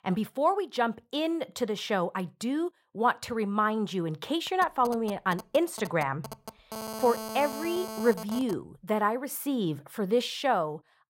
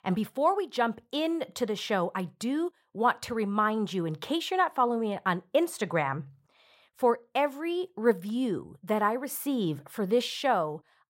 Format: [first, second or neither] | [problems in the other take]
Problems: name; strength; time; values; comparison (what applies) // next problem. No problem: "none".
second | phone ringing; noticeable; from 4.5 to 8.5 s; peak 7 dB below the speech